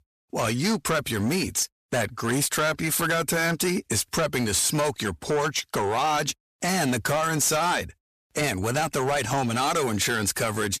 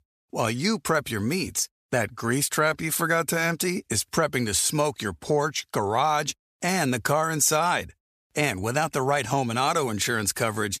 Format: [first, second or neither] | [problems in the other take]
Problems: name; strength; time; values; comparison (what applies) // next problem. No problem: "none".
second | distortion; heavy; 14% of the sound clipped